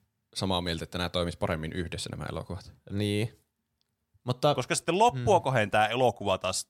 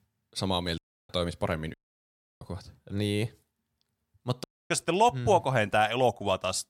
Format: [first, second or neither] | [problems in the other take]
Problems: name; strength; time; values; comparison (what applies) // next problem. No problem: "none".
first | audio cutting out; at 1 s, at 1.5 s for 0.5 s and at 4.5 s